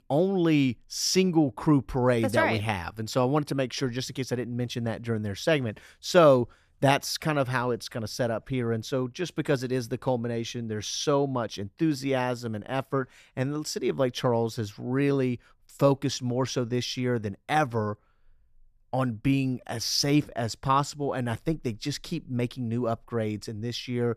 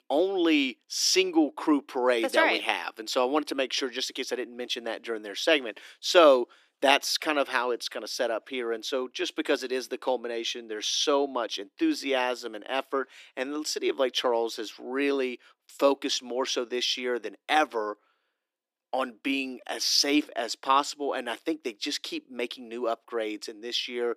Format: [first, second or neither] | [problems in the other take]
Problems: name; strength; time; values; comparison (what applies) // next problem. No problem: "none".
first | thin; somewhat; fading below 300 Hz